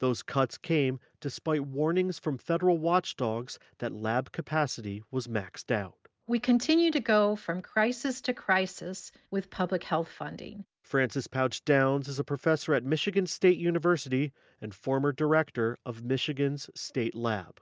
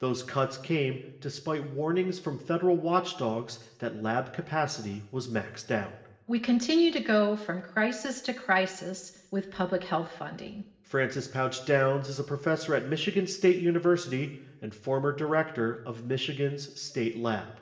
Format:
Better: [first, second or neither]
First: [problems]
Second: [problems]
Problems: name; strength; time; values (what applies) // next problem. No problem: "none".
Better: first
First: none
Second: room echo; dies away in 0.8 s